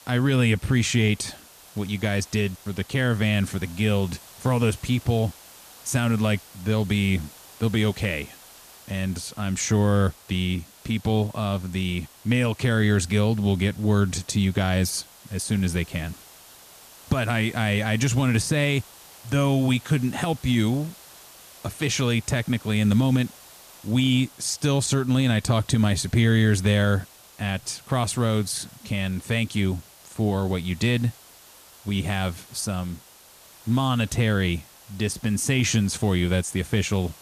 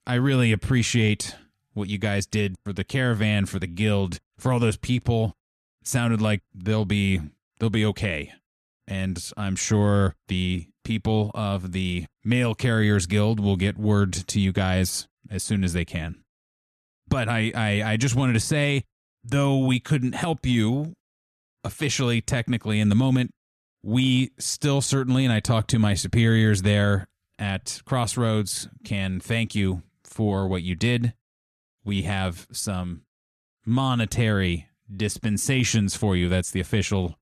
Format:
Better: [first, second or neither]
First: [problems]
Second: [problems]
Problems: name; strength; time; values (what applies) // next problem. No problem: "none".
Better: second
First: hiss; faint; throughout; 20 dB below the speech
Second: none